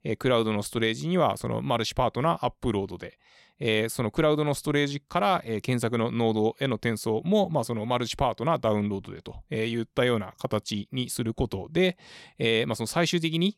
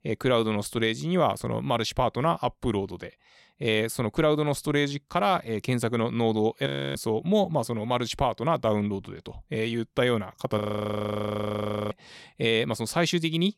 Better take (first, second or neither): first